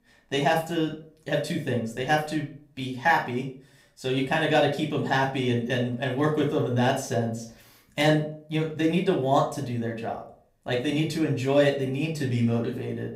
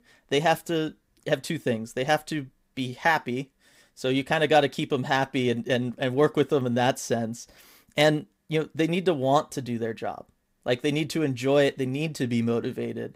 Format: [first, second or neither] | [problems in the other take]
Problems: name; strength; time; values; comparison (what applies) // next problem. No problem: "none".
second | off-mic speech; somewhat distant // room echo; slight; dies away in 0.3 s